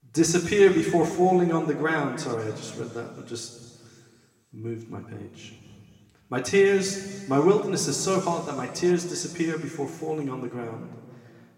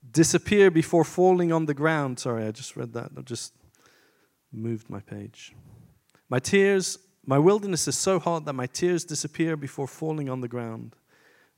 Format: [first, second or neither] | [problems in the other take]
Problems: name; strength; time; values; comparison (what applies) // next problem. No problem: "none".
second | room echo; slight; dies away in 2 s // off-mic speech; somewhat distant